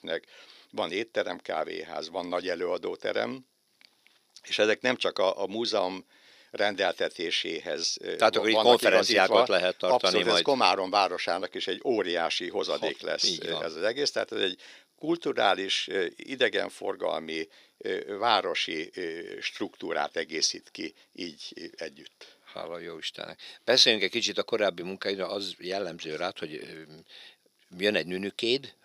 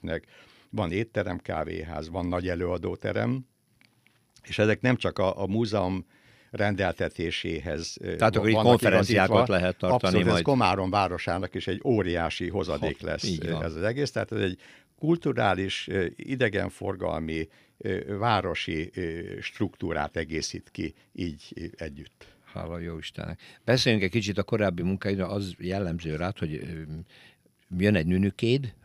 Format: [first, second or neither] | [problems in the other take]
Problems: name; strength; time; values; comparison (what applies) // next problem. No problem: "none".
second | thin; somewhat; fading below 450 Hz